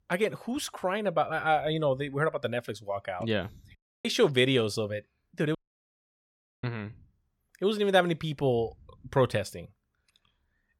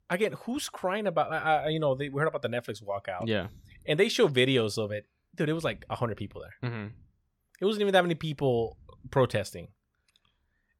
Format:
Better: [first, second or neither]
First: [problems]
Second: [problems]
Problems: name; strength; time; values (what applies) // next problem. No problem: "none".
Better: second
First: audio cutting out; at 4 s and at 5.5 s for 1 s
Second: none